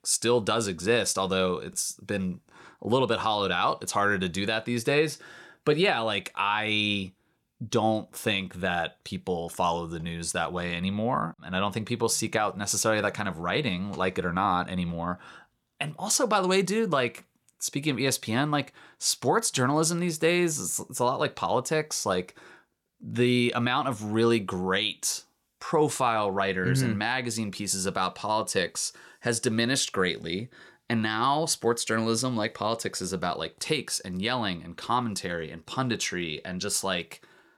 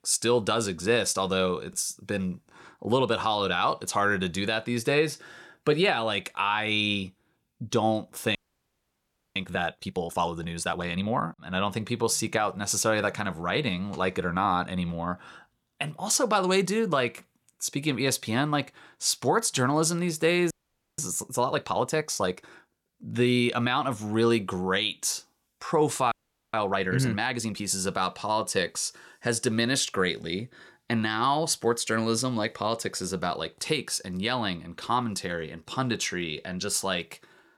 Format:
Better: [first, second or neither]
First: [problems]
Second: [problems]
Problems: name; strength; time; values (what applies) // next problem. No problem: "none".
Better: first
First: none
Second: audio freezing; at 8.5 s for 1 s, at 21 s and at 26 s